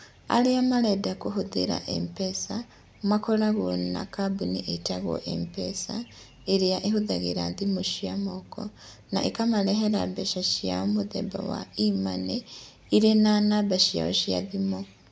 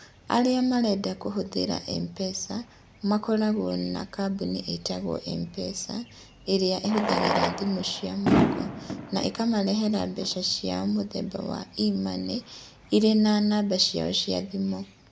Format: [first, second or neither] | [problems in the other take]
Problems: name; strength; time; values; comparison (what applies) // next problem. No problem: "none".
first | background sound (Fireworks); 7 dB below the speech